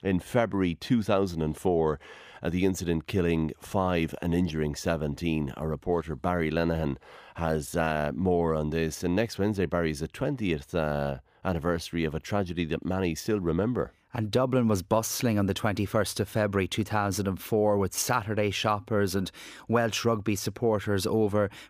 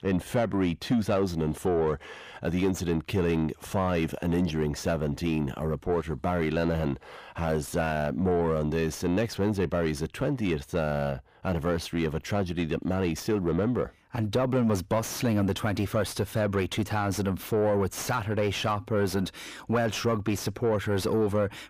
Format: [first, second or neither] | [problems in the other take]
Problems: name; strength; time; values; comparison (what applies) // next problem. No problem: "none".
first | distortion; slight; 10 dB below the speech